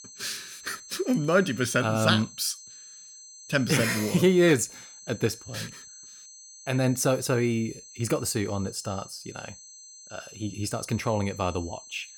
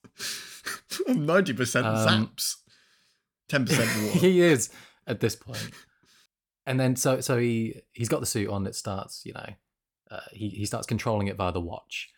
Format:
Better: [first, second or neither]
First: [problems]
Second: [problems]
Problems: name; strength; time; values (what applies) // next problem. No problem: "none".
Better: second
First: high-pitched whine; noticeable; throughout; 6 kHz, 20 dB below the speech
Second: none